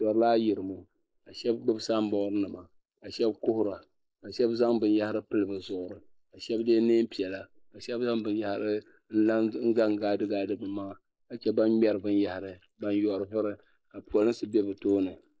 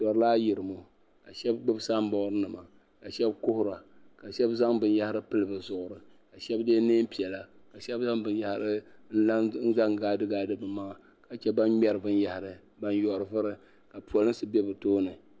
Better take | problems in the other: second | noise reduction (neural mask model Resemble Enhance denoiser)

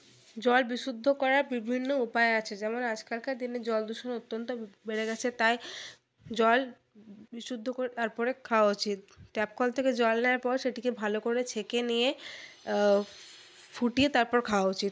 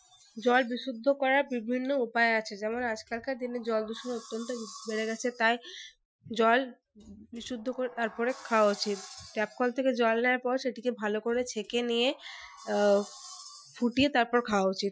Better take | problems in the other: first | noise reduction (classical method Wiener filter)

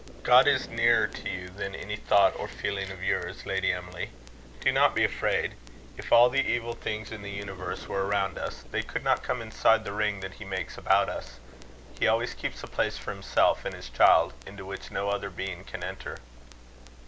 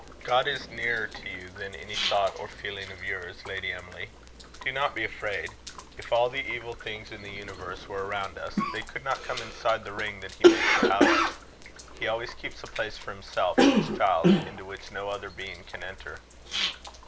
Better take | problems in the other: first | background sound (Cough); 2 dB above the speech

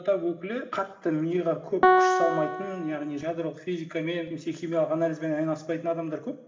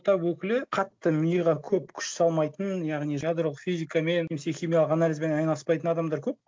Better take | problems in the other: second | background sound (Piano); 2 dB above the speech // room echo; dies away in 1 s

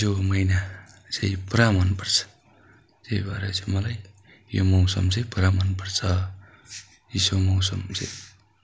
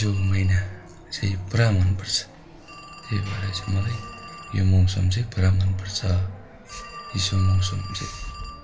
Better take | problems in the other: first | background sound (Telephone); 17 dB below the speech // room echo; dies away in 0.2 s

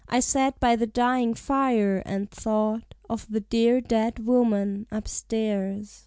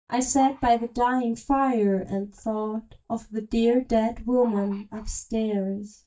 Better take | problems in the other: first | noise reduction (neural mask model DeepFilterNet 3)

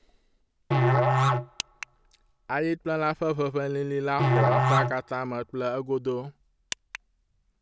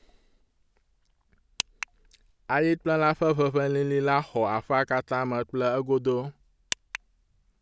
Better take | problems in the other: second | background sound (Musical instrument); 4 dB above the speech

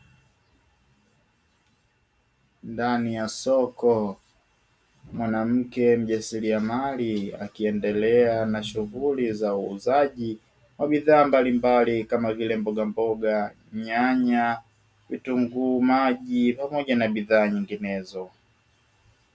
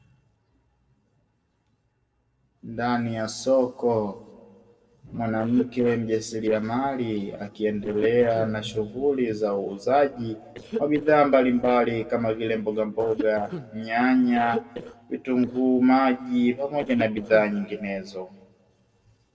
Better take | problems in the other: first | noise reduction (neural separator model SepFormer DNS4)

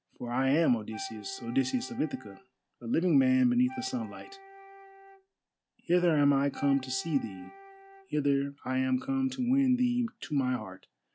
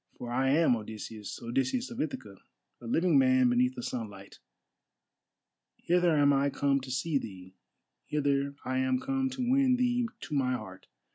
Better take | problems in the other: second | background sound (Wind instrument, woodwind instrument); 19 dB below the speech

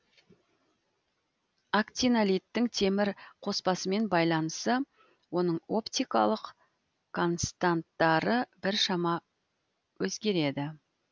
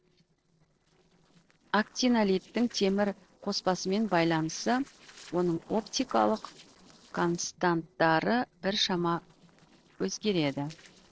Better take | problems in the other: first | noise reduction (neural separator model SepFormer DNS4)

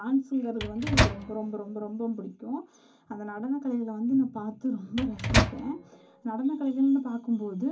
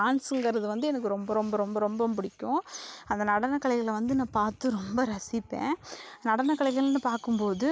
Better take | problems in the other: second | background sound (Microwave oven); 1 dB above the speech // room echo; dies away in 0.3 s

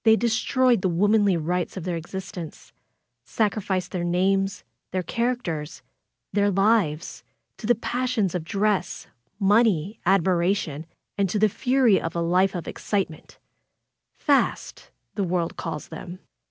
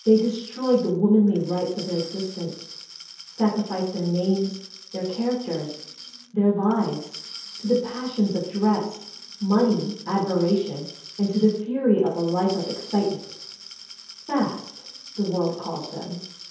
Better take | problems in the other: first | background sound (Glass); 17 dB below the speech // room echo; dies away in 0.7 s

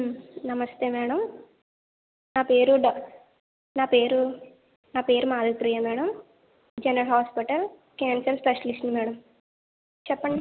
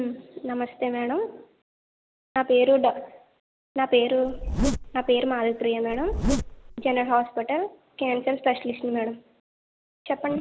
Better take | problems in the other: first | background sound (Zipper (clothing)); 3 dB below the speech

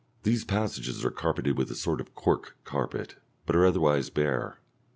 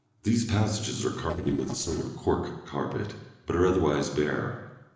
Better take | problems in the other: first | noise reduction (neural separator model SepFormer DNS4)

